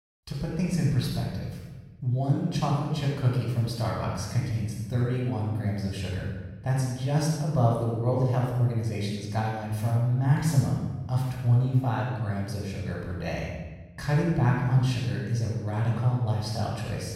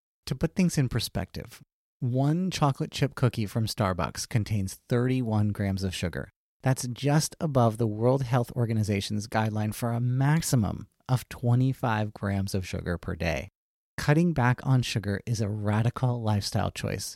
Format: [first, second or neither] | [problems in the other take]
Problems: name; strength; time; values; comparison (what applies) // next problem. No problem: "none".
second | room echo; strong; dies away in 1.1 s // off-mic speech; far